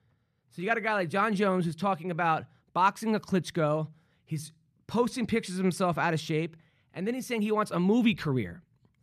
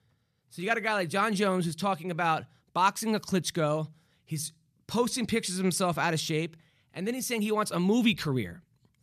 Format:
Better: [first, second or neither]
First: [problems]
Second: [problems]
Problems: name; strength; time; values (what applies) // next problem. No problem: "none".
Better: second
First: muffled; slightly; fading above 3 kHz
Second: none